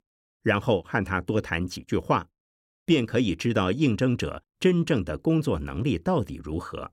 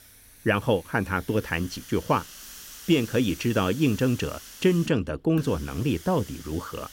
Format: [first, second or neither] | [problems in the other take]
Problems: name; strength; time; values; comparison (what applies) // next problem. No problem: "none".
first | hiss; noticeable; throughout; 15 dB below the speech